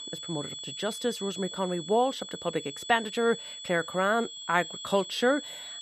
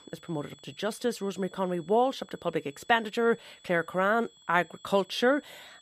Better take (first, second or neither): second